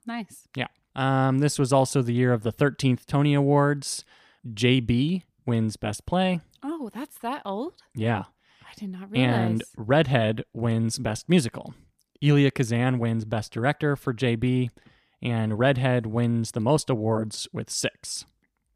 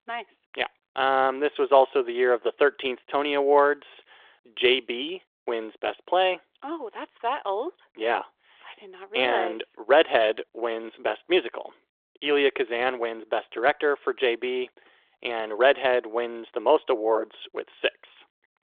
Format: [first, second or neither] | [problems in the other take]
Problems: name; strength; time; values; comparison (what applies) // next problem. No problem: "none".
first | phone-call audio; nothing above 3.5 kHz